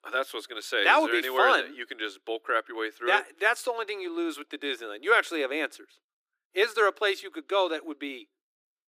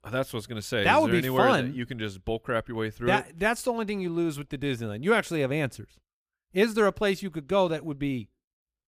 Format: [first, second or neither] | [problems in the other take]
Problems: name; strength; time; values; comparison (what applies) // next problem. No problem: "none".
second | thin; very; fading below 300 Hz